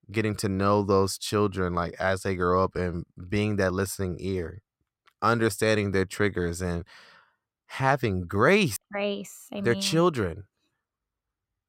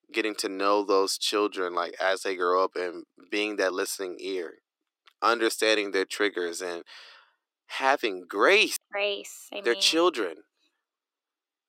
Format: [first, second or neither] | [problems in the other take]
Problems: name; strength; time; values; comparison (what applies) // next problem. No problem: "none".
first | thin; somewhat; fading below 300 Hz